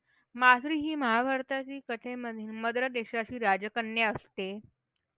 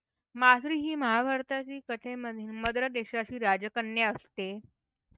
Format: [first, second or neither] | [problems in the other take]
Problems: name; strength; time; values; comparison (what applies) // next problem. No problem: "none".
first | noise reduction (neural mask model RNNoise)